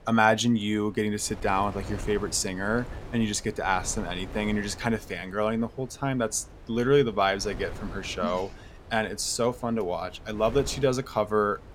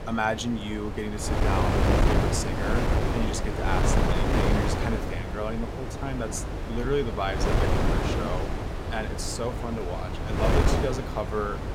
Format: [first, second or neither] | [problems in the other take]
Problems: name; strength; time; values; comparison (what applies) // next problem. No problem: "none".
first | wind noise on the microphone; heavy; 1 dB above the speech; occasional gusts in the first